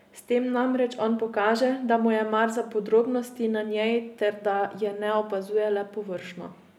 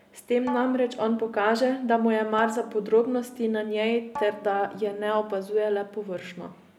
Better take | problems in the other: first | background sound (Bowed string instrument); 16 dB below the speech

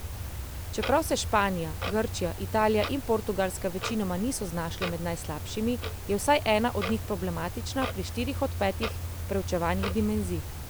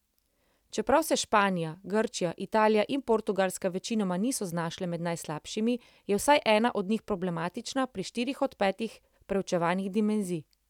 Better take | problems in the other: second | background sound (Clock); 6 dB below the speech

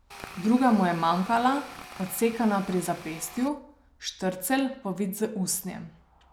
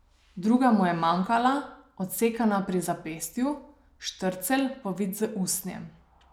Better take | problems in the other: second | background sound (Tools); 17 dB below the speech

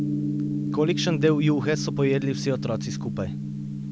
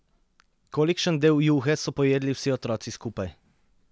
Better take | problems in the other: second | background sound (Gong); 2 dB below the speech

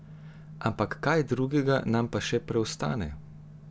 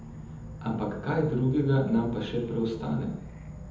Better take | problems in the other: first | background sound (Insect / Frog); 15 dB below the speech // room echo; dies away in 1 s

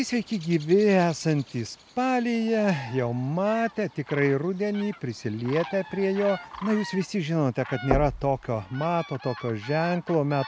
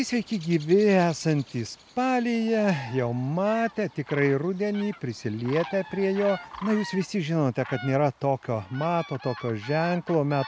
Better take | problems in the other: second | background sound (Knock); 9 dB below the speech

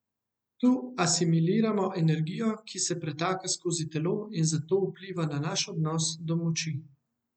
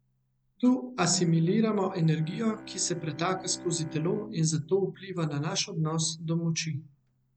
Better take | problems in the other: first | background sound (Bowed string instrument); 16 dB below the speech

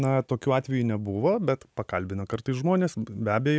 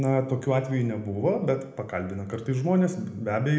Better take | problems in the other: first | room echo; dies away in 0.7 s

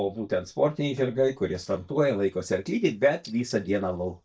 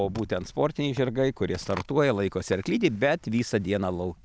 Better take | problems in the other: second | noise reduction (neural mask model DeepFilterNet 3)

